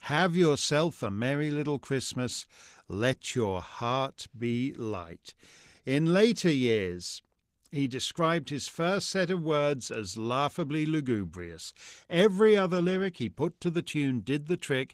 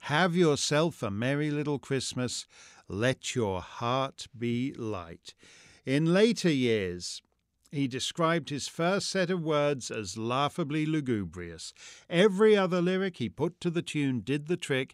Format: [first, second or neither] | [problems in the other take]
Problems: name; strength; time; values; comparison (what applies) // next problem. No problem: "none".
second | garbled, watery; slightly; nothing above 15.5 kHz